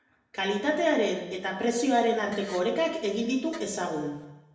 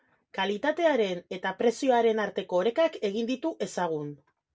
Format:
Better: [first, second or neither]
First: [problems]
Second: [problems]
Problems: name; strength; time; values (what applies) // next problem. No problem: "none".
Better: second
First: background sound (Fart); 16 dB below the speech // room echo; dies away in 0.9 s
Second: none